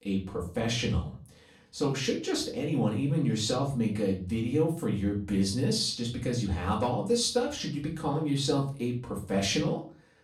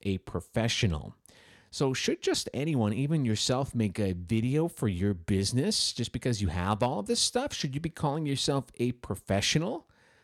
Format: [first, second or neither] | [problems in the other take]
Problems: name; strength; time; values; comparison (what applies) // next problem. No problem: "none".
second | off-mic speech; far // room echo; slight; dies away in 0.3 s